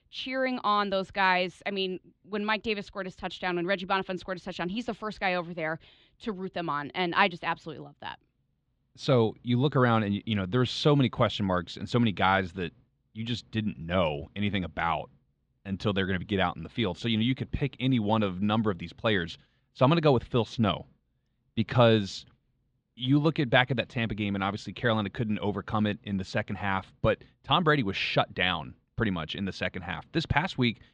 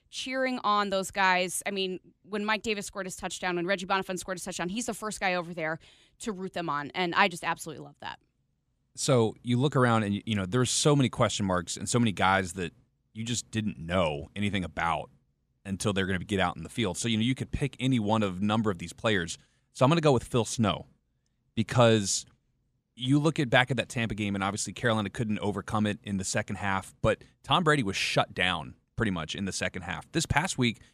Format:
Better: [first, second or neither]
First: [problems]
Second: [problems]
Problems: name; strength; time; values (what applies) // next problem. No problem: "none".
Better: second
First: muffled; slightly; fading above 4 kHz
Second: none